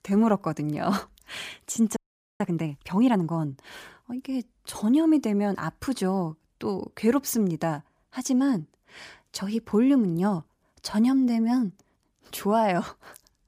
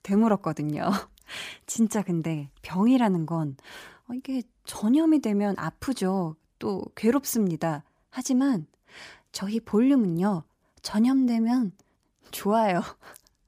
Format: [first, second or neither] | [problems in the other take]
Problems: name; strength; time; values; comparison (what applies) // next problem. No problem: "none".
second | audio freezing; at 2 s